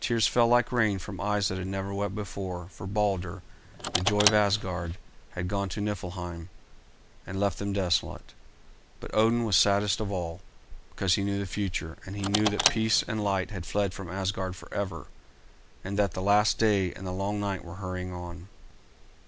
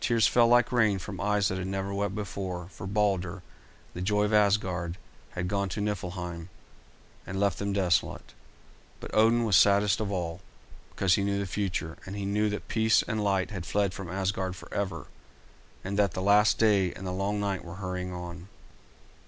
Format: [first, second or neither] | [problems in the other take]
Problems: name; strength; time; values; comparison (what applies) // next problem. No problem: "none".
second | background sound (Car); 6 dB below the speech